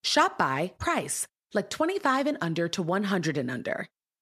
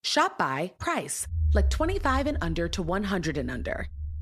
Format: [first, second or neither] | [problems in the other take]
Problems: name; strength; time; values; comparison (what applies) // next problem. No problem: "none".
first | low rumble; faint; from 1.5 s on; 20 dB below the speech